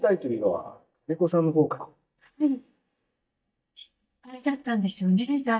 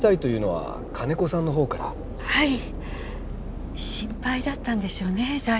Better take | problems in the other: second | noise reduction (neural mask model DeepFilterNet 3)

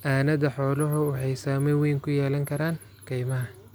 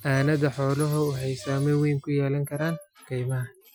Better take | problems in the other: first | noise reduction (classical method Wiener filter)

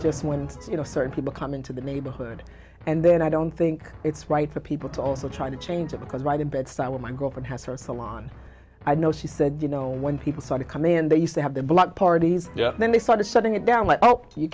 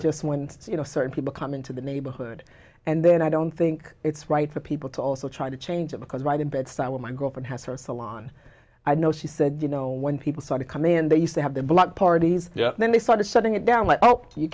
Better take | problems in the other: second | background sound (Drum); 19 dB below the speech

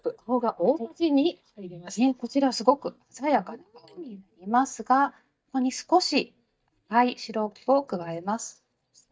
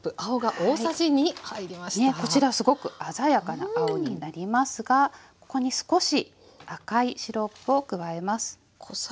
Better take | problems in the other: second | noise reduction (neural mask model DeepFilterNet 3)

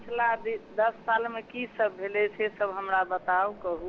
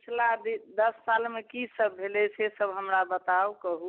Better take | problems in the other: second | background sound (Mechanisms); 20 dB below the speech

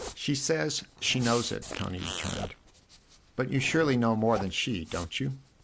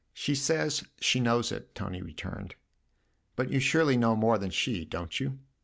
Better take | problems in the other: second | background sound (Zipper (clothing) + Fart); 13 dB below the speech

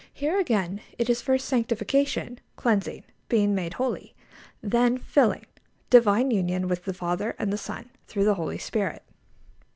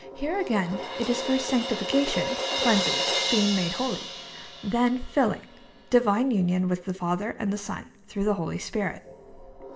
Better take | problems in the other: first | background sound (Crash cymbal); 6 dB below the speech // room echo; dies away in 0.7 s

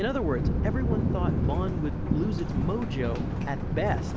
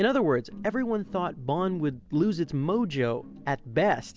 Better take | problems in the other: second | background sound (Thunder); 4 dB above the speech

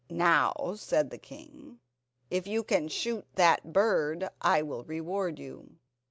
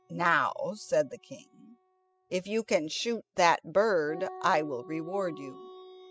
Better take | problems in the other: first | noise reduction (classical method spectral subtraction)

